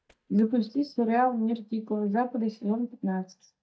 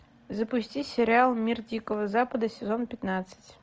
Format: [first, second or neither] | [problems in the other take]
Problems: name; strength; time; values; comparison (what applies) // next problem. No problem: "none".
second | noise reduction (neural mask model DeepFilterNet 3)